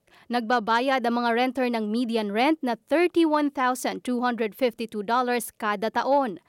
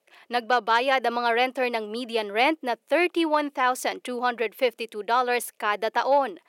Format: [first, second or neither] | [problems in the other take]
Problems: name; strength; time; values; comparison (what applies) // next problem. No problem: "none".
first | thin; somewhat; fading below 450 Hz